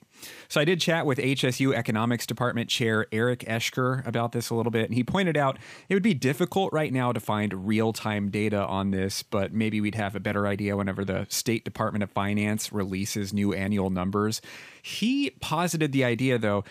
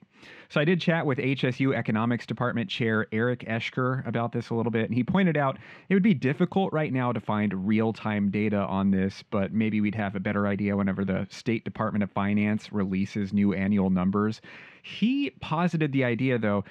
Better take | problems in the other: first | muffled; slightly; fading above 2.5 kHz

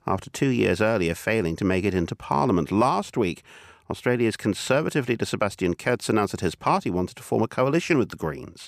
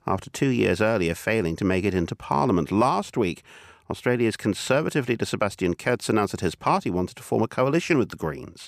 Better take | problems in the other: neither | none

